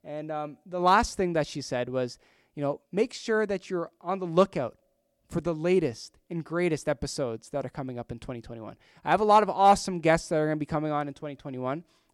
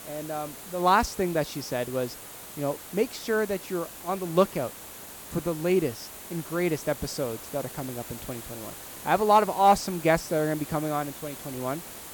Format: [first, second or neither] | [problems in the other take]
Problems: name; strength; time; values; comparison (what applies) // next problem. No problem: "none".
first | hiss; noticeable; throughout; 10 dB below the speech